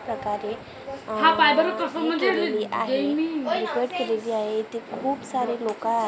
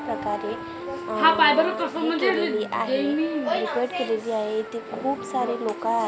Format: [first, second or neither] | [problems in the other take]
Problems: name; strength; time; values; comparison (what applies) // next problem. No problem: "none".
first | background sound (Wind instrument, woodwind instrument); 13 dB below the speech